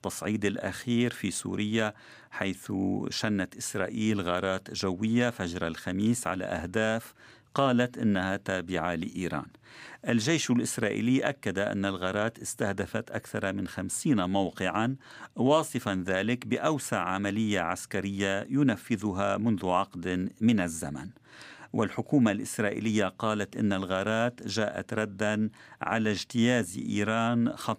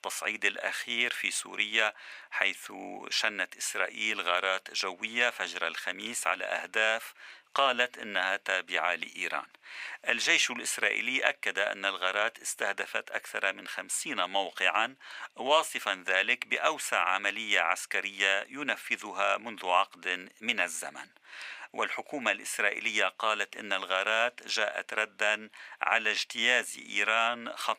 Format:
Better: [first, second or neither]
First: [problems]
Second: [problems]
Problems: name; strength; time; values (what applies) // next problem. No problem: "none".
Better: first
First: none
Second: thin; very; fading below 800 Hz